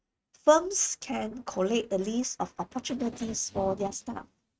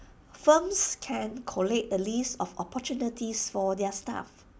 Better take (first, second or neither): second